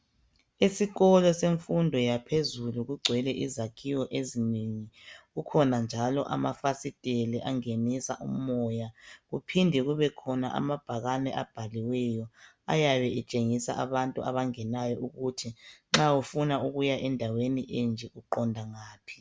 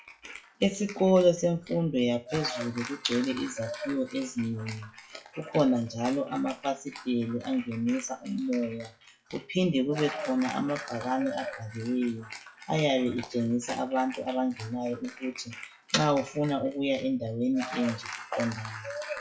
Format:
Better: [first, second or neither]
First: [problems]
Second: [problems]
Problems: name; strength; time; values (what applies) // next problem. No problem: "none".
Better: first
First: none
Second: noise reduction (classical method WPE with log-MMSE)